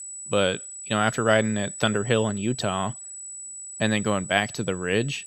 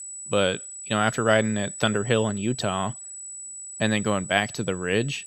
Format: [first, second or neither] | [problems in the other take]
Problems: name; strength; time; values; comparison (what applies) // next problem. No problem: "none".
neither | high-pitched whine; noticeable; throughout; 8 kHz, 10 dB below the speech; the same in both